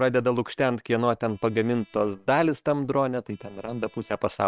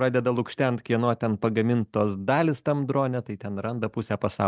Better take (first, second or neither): second